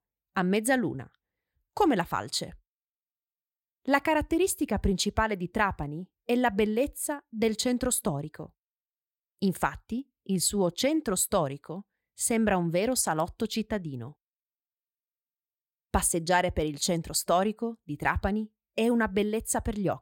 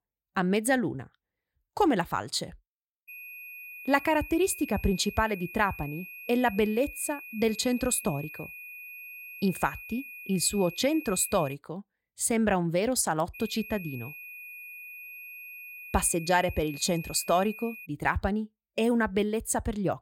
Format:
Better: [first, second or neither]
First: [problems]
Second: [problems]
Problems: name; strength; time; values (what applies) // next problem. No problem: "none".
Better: first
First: none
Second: high-pitched whine; noticeable; from 3 to 12 s and from 13 to 18 s; 2.5 kHz, 15 dB below the speech